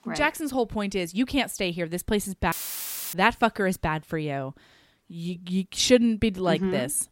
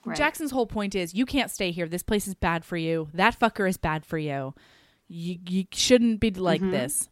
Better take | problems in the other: second | audio cutting out; filled with static; at 2.5 s for 0.5 s

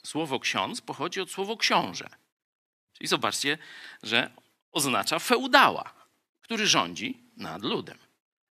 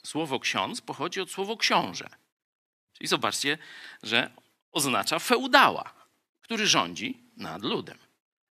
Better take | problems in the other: neither | thin; somewhat; fading below 400 Hz; the same in both

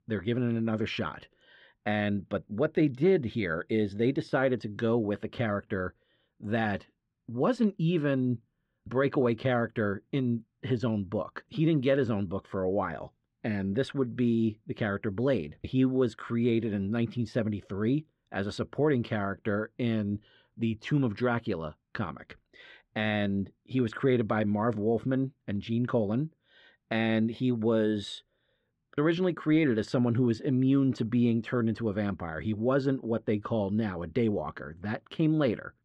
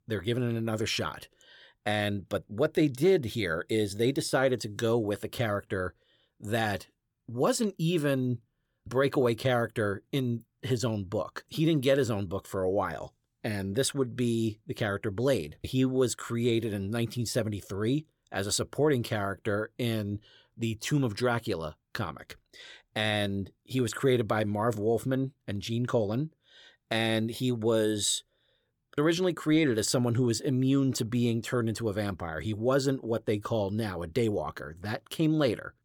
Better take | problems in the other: second | muffled; slightly; fading above 2.5 kHz

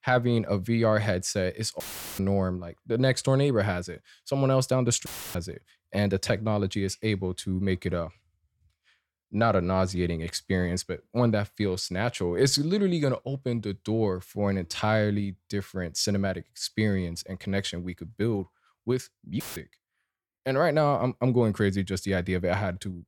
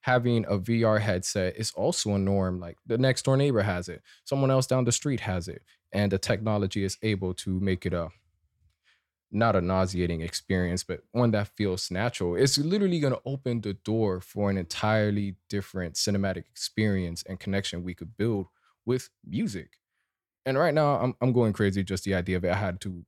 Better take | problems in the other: second | audio cutting out; filled with static; at 2 s, at 5 s and at 19 s

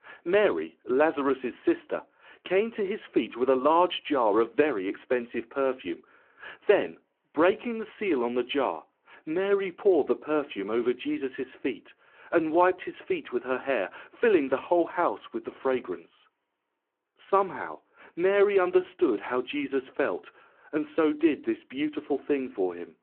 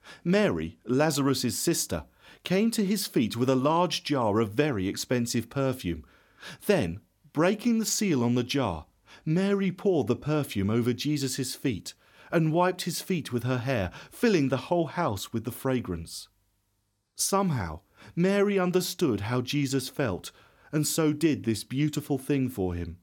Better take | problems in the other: second | phone-call audio

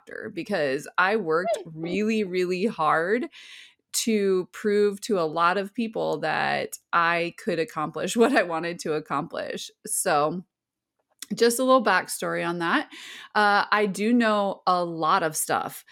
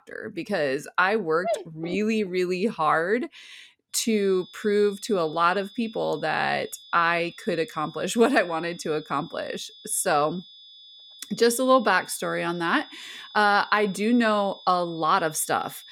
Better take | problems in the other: first | high-pitched whine; faint; from 4 s on; 3.5 kHz, 20 dB below the speech

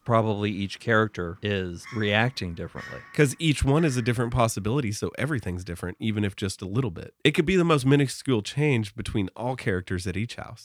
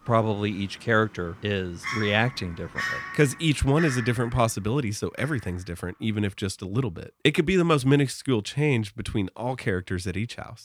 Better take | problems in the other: first | animal sounds; loud; throughout; 9 dB below the speech; faint in the first

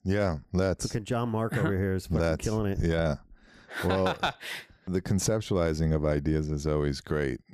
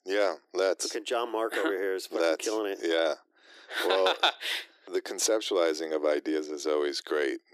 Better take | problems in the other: first | thin; very; fading below 300 Hz

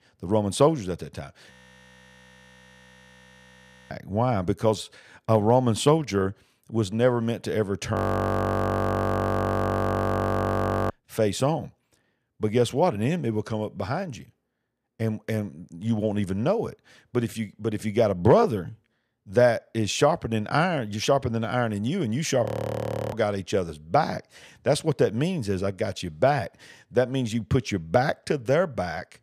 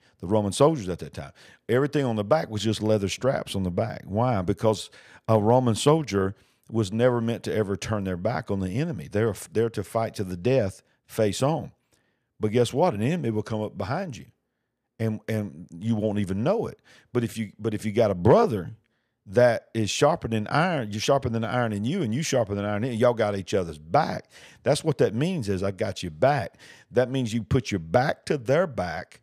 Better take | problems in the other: second | audio freezing; at 1.5 s for 2.5 s, at 8 s for 3 s and at 22 s for 0.5 s

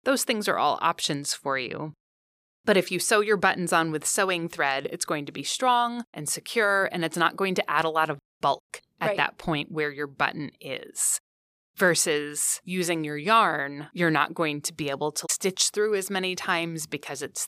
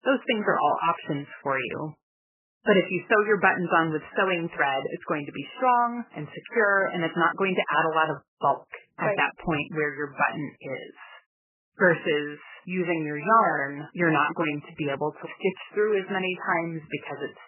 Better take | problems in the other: first | garbled, watery; badly; nothing above 3 kHz

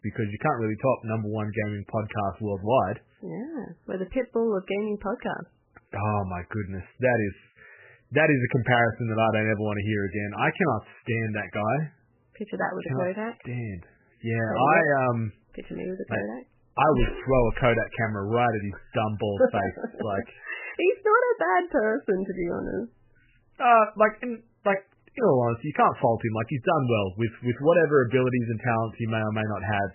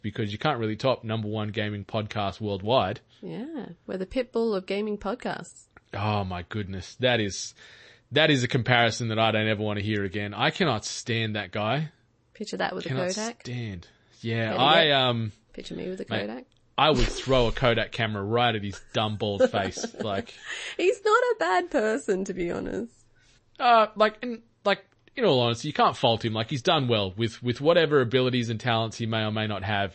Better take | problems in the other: second | garbled, watery; badly; nothing above 3 kHz; slightly in the second

